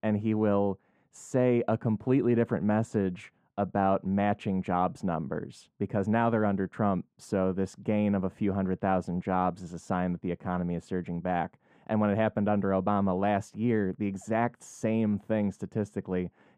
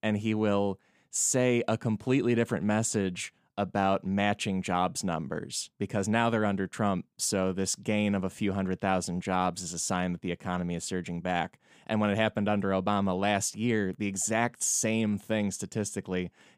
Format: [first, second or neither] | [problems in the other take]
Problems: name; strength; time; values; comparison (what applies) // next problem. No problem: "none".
second | muffled; very; fading above 2.5 kHz